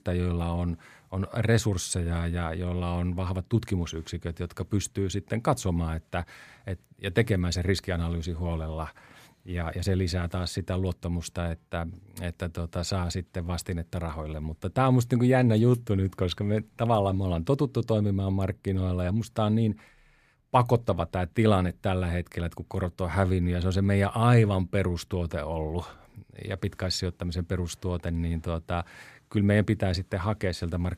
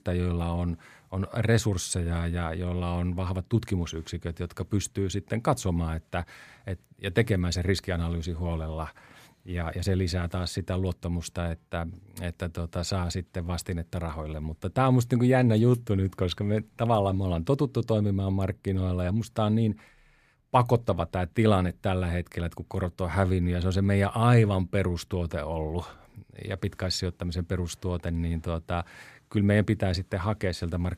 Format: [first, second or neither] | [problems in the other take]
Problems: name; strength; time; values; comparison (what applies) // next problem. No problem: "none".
neither | none